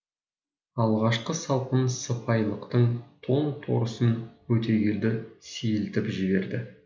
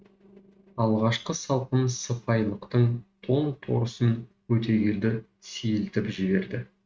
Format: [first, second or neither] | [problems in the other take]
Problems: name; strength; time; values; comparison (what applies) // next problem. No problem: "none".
first | noise reduction (neural mask model RNNoise)